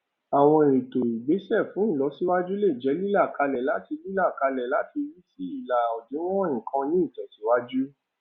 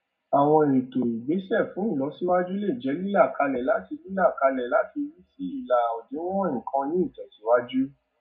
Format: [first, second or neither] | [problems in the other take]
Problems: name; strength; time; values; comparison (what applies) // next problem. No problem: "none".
first | room echo; dies away in 0.3 s